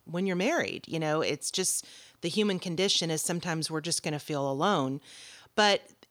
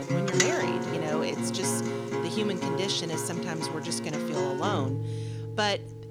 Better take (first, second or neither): first